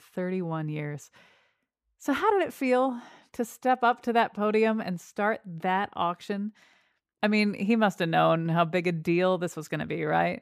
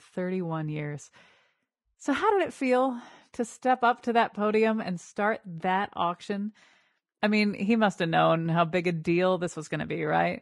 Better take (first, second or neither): first